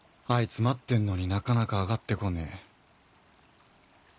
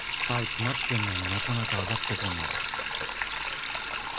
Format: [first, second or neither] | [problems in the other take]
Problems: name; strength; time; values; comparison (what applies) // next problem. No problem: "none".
first | background sound (Sink (filling or washing)); 3 dB above the speech